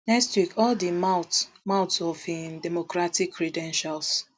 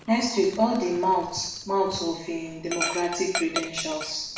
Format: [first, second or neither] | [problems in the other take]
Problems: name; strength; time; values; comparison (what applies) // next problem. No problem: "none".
first | background sound (Dog); 10 dB below the speech // room echo; dies away in 0.7 s